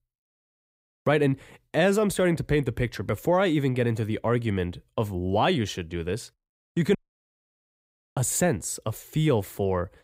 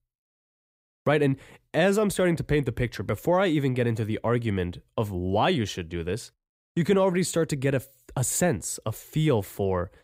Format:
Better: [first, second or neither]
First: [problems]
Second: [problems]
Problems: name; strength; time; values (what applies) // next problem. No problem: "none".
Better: second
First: audio cutting out; at 7 s for 1 s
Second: none